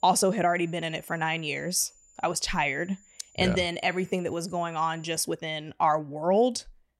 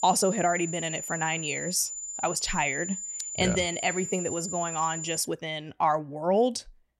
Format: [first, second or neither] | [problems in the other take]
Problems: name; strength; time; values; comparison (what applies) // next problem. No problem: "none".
first | high-pitched whine; loud; until 5.5 s; 7 kHz, 5 dB below the speech; faint in the first